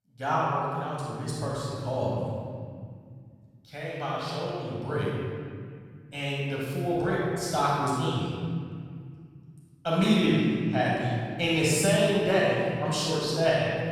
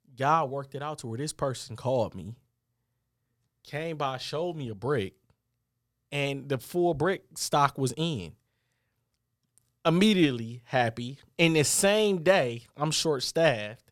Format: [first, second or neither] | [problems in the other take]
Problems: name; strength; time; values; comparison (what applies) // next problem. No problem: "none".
second | off-mic speech; far // room echo; strong; dies away in 2.3 s